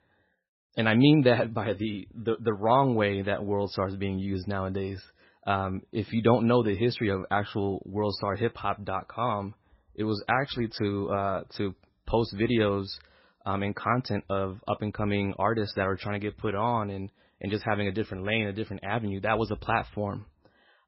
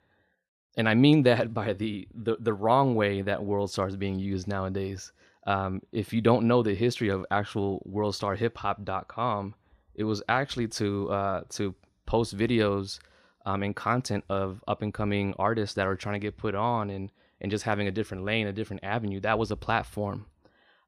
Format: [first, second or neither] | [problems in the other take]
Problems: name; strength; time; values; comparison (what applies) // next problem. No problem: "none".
second | garbled, watery; badly; nothing above 5.5 kHz